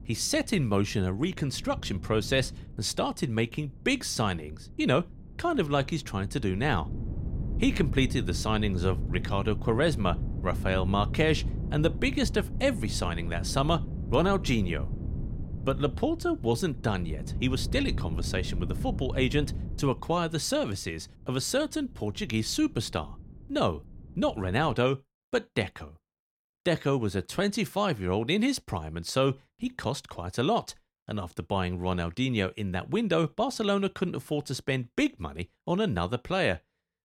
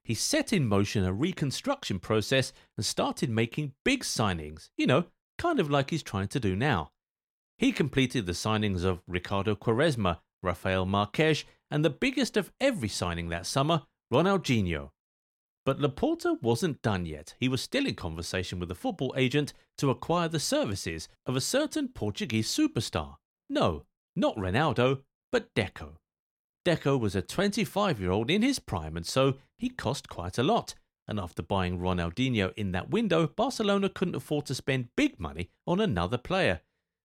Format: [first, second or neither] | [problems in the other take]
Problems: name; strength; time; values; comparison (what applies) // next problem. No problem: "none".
second | wind noise on the microphone; occasional gusts; until 25 s; 15 dB below the speech